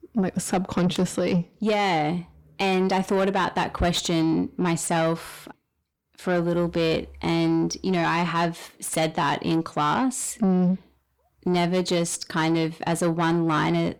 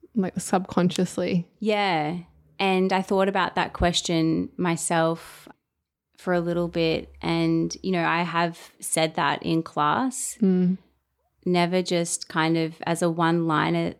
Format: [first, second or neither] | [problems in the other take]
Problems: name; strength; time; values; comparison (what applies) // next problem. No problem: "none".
second | distortion; slight; 10 dB below the speech